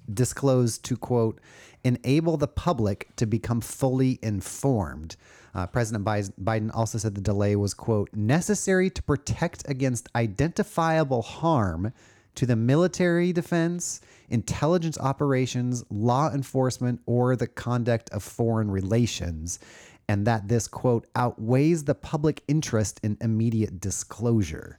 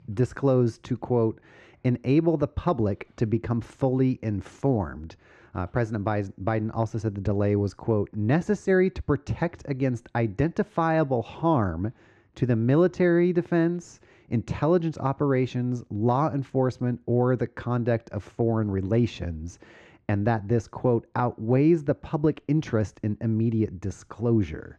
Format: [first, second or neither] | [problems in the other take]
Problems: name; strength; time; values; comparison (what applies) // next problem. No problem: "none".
first | muffled; very; fading above 2.5 kHz